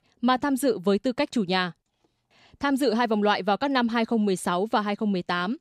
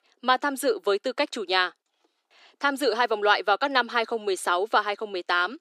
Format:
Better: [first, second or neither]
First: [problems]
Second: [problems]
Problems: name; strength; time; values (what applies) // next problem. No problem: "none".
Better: first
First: none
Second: thin; somewhat; fading below 300 Hz